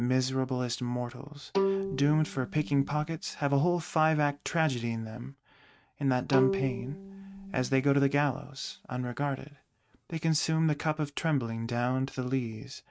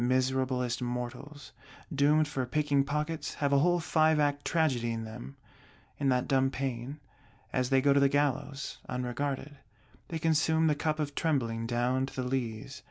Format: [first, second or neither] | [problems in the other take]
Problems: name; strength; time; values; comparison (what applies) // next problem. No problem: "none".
second | noise reduction (neural mask model RNNoise)